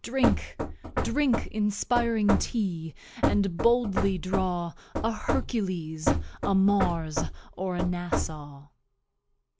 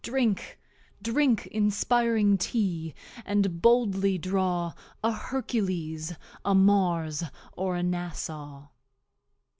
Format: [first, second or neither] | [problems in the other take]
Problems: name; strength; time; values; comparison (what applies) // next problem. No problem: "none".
second | background sound (Knock / Wood); 2 dB below the speech